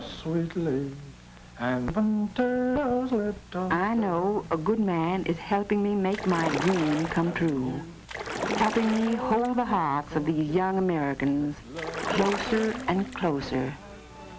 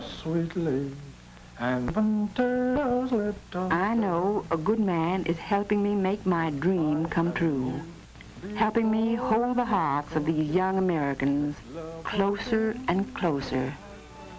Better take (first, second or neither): second